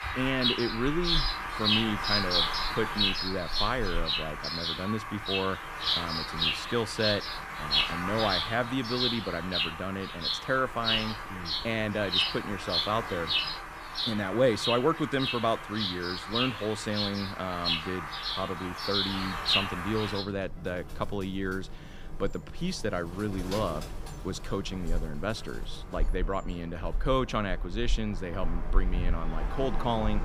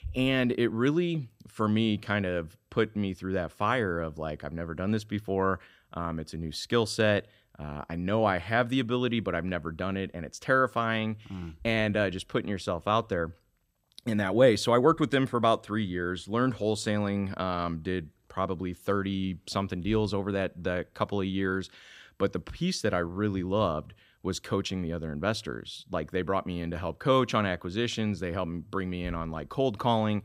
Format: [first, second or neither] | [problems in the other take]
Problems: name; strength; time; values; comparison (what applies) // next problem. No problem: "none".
second | animal sounds; very loud; throughout; 2 dB above the speech